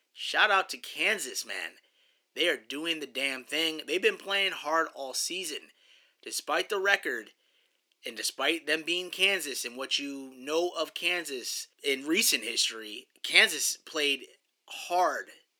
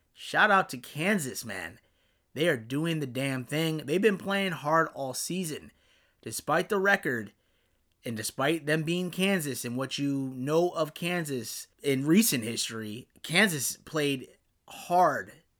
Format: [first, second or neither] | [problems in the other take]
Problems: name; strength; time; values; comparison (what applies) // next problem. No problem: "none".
second | thin; somewhat; fading below 350 Hz